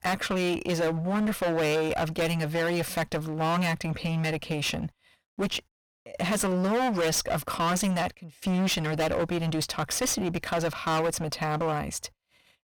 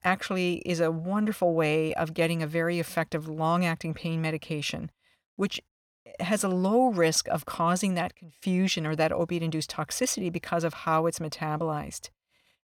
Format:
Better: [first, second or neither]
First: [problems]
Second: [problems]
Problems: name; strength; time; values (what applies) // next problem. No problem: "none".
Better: second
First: distortion; heavy; 24% of the sound clipped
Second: none